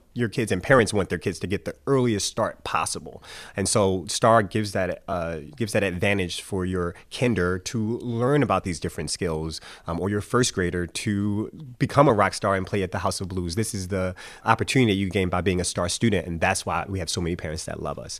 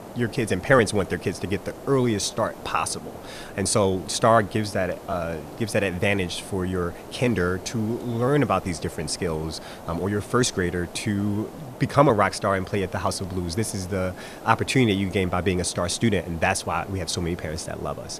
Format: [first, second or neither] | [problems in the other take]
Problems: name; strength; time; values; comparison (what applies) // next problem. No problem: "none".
first | hiss; noticeable; throughout; 15 dB below the speech